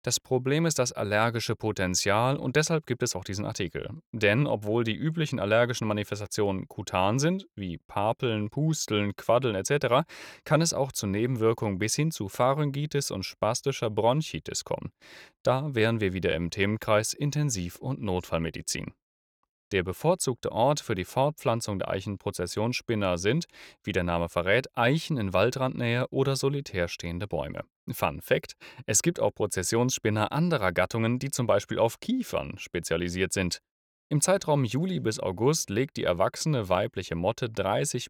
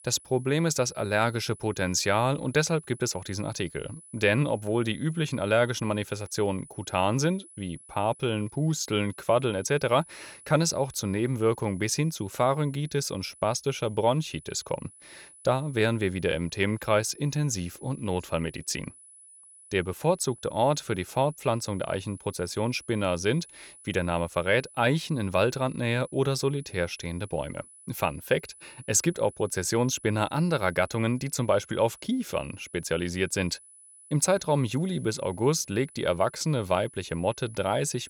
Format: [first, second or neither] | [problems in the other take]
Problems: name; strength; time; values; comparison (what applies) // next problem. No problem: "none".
first | high-pitched whine; faint; throughout; 10 kHz, 20 dB below the speech